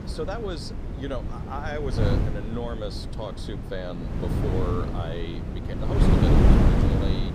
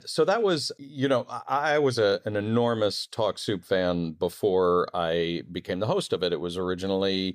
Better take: second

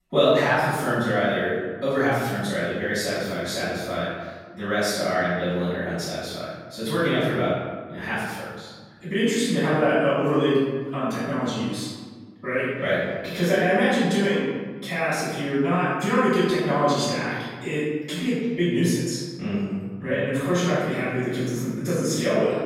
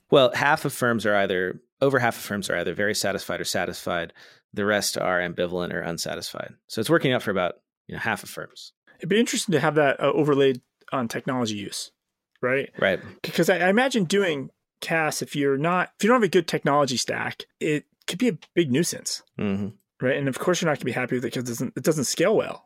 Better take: second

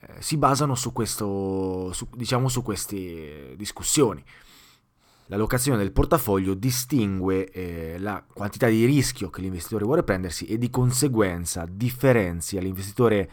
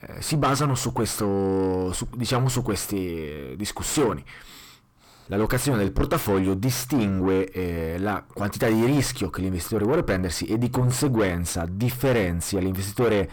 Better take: first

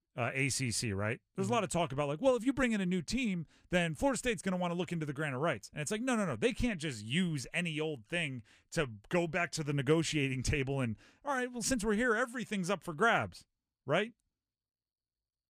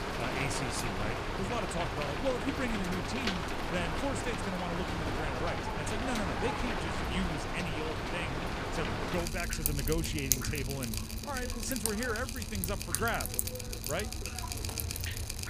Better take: first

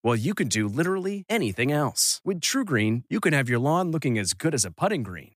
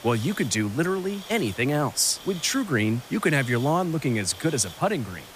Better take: first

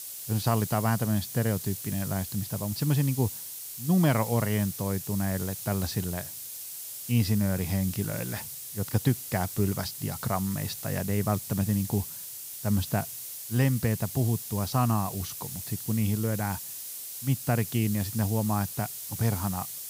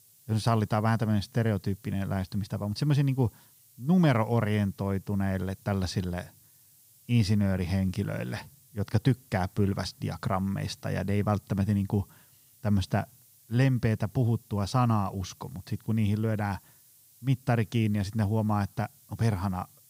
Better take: second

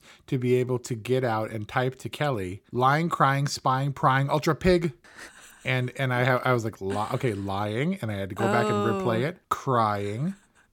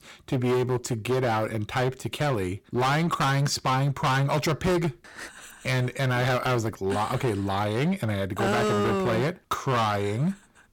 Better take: first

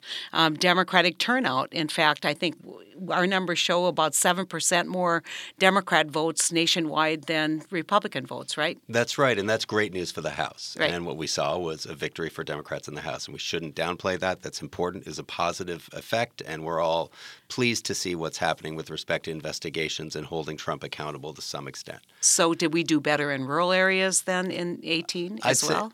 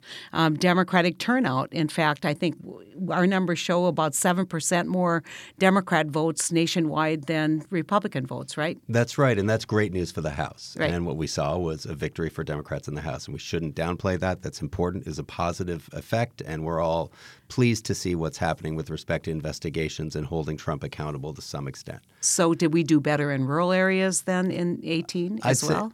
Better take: second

